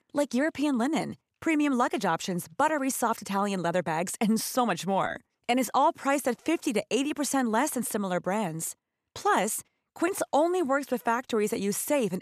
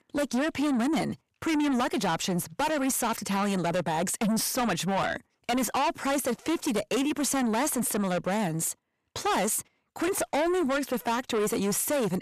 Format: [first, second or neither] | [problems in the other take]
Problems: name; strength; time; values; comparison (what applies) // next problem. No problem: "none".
first | distortion; heavy; 7 dB below the speech